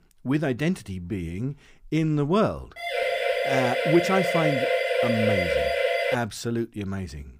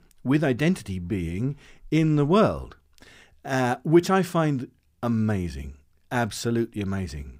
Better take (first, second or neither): second